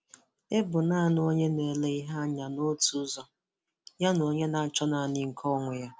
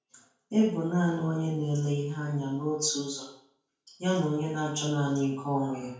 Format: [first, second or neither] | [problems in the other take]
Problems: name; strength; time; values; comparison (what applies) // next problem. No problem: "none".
first | room echo; dies away in 0.5 s